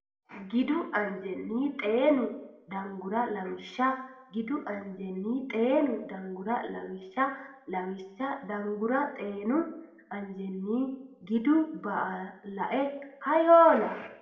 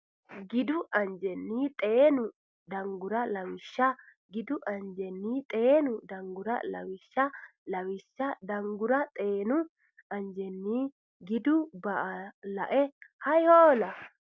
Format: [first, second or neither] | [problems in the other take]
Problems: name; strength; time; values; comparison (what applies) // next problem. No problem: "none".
second | room echo; dies away in 0.7 s